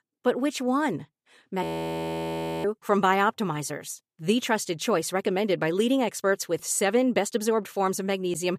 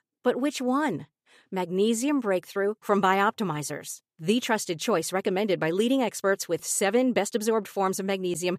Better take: second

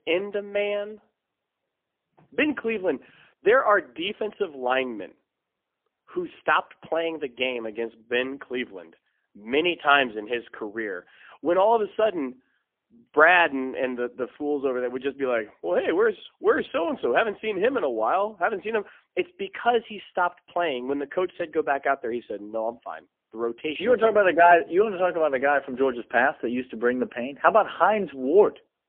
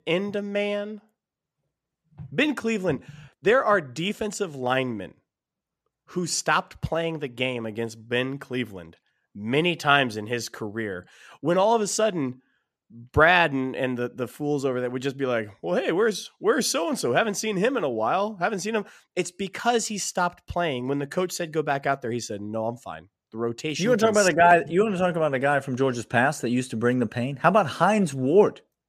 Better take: second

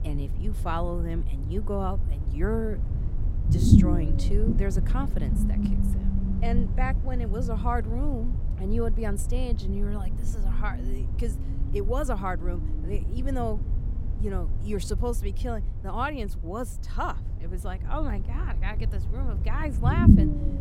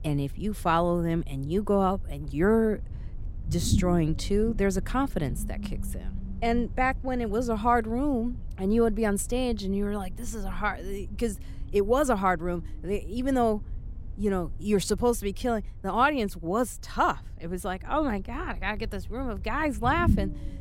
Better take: second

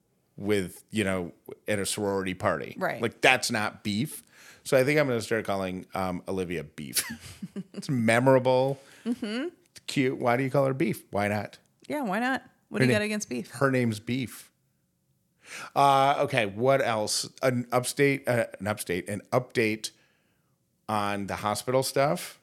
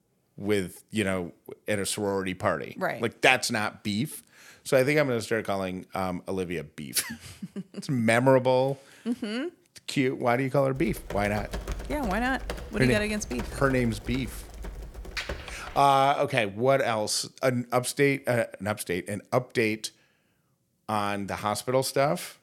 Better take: first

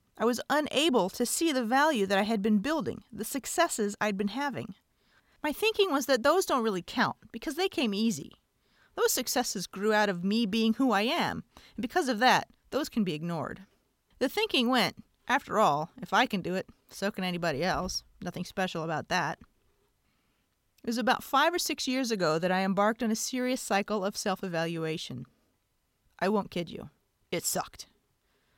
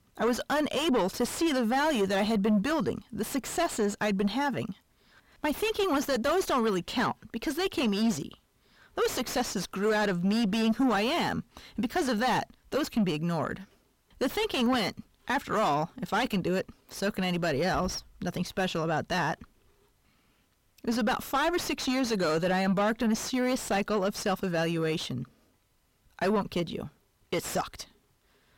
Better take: first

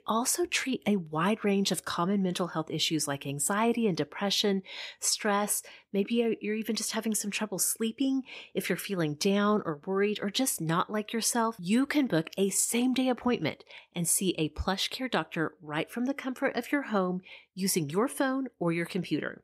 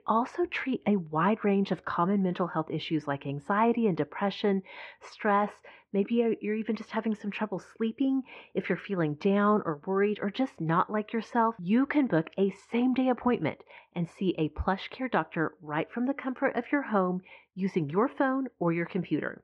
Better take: first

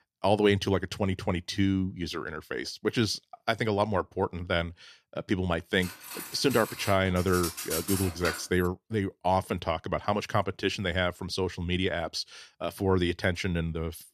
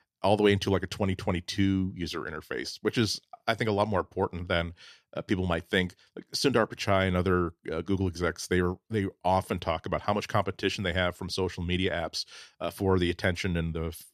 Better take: second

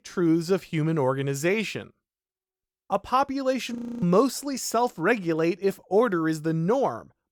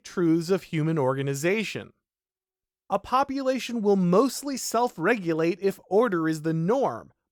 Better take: second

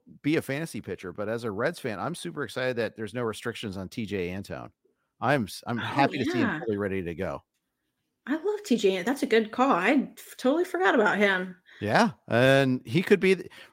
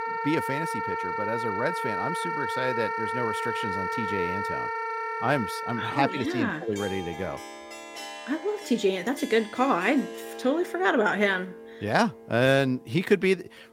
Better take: first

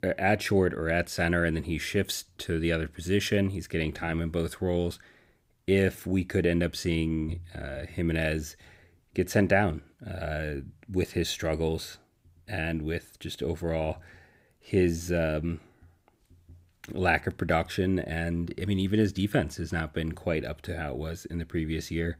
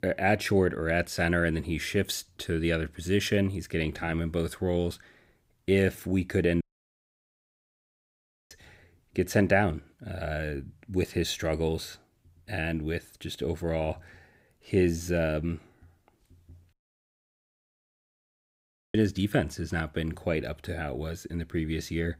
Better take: first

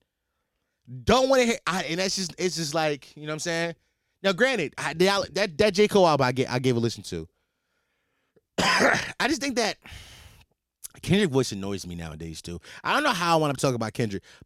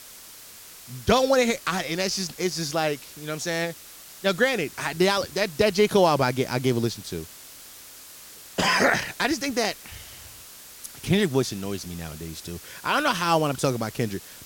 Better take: first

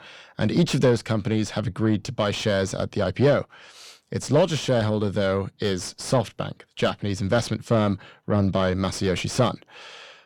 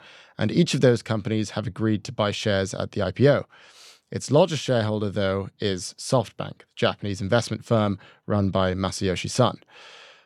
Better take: second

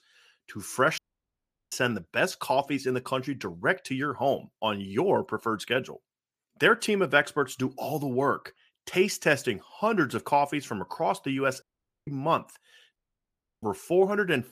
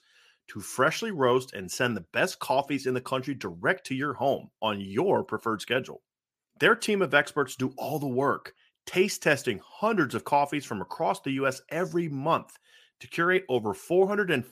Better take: second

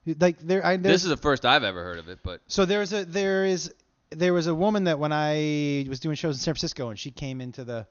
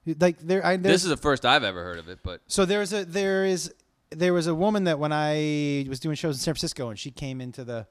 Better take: second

